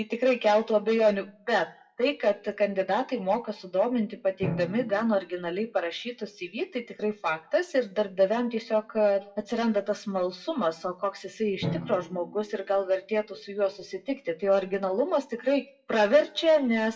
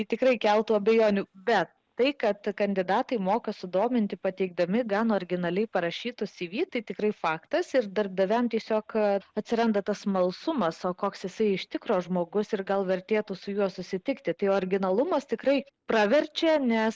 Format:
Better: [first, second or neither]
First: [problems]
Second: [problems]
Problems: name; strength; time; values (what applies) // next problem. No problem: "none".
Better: second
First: noise reduction (classical method WPE with log-MMSE)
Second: none